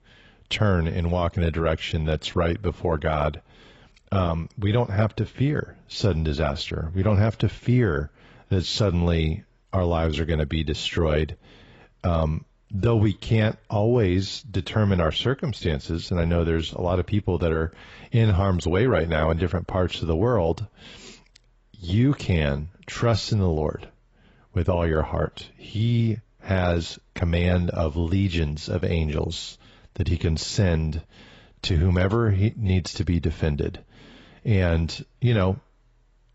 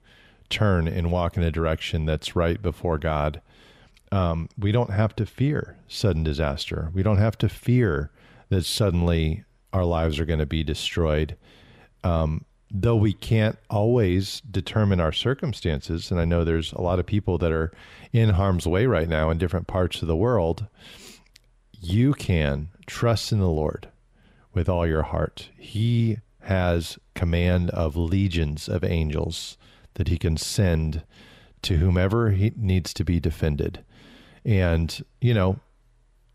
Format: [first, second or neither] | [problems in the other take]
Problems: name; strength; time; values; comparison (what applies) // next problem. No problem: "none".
second | garbled, watery; badly; nothing above 7.5 kHz